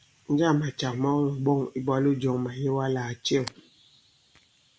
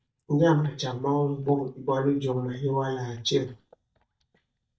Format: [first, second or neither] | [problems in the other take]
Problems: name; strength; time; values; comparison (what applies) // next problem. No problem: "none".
first | noise reduction (neural mask model DeepFilterNet 3)